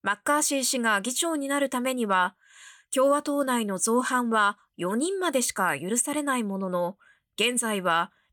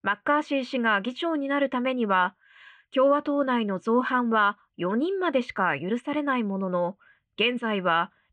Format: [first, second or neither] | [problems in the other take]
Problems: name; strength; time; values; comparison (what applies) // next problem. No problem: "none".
first | muffled; very; fading above 3 kHz